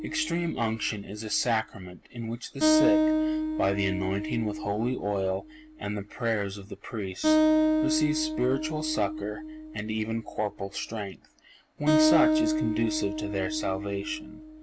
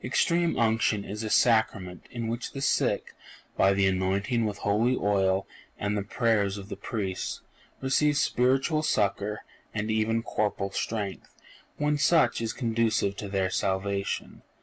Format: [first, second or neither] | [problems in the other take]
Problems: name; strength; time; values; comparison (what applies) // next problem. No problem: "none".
second | background sound (Acoustic guitar); 1 dB above the speech